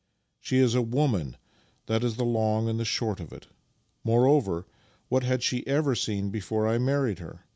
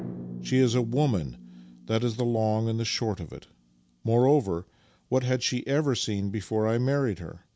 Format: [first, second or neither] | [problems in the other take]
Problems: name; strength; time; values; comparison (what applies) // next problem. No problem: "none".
first | background sound (Drum); 18 dB below the speech